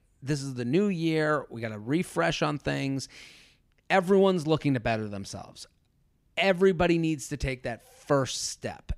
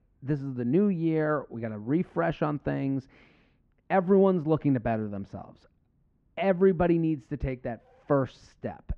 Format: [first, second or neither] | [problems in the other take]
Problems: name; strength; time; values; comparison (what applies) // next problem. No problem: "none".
first | muffled; very; fading above 1.5 kHz